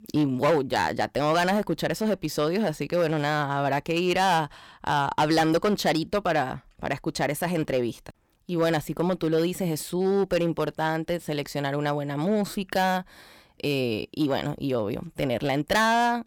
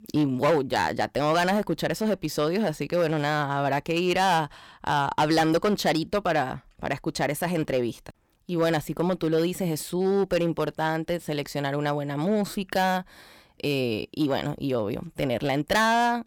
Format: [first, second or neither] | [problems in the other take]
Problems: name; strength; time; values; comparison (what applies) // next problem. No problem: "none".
neither | distortion; slight; 5% of the sound clipped; the same in both